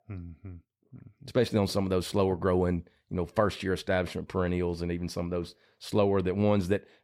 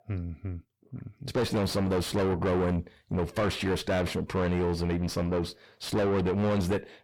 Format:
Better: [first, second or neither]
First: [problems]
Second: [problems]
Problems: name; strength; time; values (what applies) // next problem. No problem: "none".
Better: first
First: none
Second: distortion; heavy; 6 dB below the speech